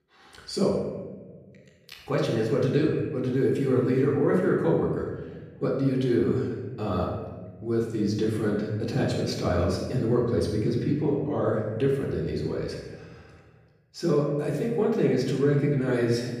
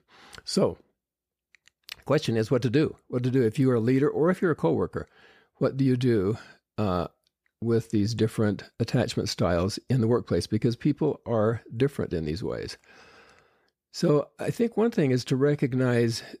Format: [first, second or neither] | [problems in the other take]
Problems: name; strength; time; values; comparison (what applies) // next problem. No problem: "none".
second | room echo; noticeable; dies away in 1.2 s // off-mic speech; far